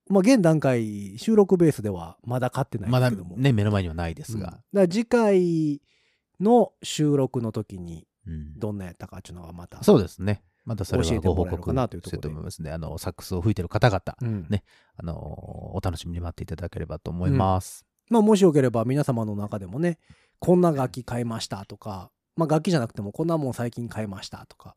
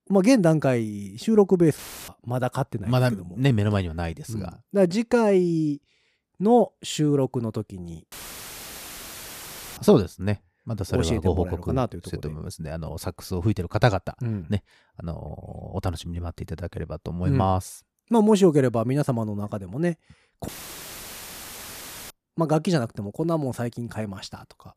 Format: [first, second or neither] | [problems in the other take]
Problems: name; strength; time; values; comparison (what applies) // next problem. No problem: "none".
first | audio cutting out; filled with static; at 2 s, at 8 s for 1.5 s and at 20 s for 1.5 s